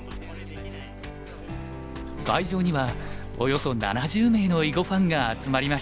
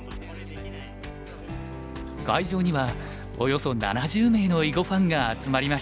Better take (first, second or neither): second